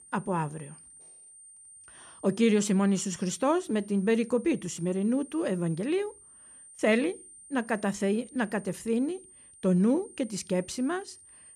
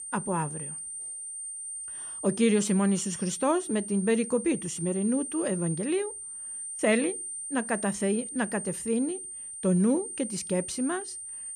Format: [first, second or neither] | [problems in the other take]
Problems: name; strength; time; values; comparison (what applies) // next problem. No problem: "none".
first | high-pitched whine; loud; throughout; 9 kHz, 7 dB below the speech; faint in the first